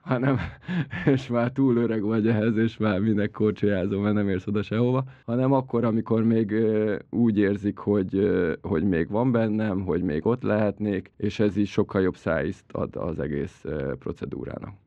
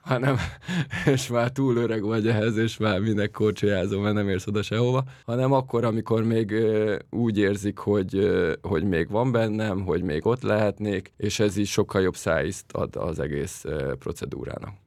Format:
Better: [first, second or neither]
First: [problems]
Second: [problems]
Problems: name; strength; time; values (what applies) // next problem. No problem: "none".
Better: second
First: muffled; slightly; fading above 3 kHz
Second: none